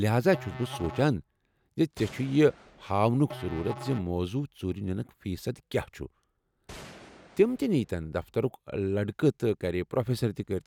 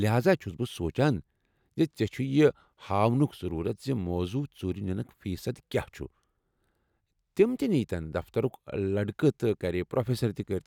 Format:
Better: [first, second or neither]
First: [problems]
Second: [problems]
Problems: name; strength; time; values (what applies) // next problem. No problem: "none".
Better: second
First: background sound (Musical instrument + Gunshot, gunfire); 17 dB below the speech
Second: none